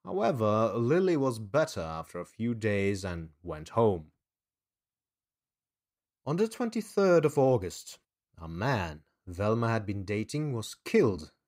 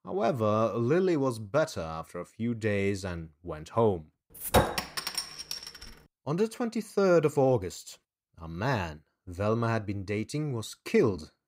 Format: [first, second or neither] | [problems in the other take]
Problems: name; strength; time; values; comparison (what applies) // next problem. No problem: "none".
first | clattering dishes; loud; from 4.5 to 5.5 s; peak 3 dB above the speech